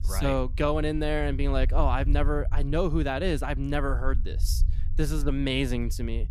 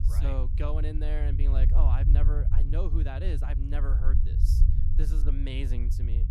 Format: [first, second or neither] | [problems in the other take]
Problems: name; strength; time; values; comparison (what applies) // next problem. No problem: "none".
first | low rumble; loud; throughout; 5 dB below the speech; faint in the first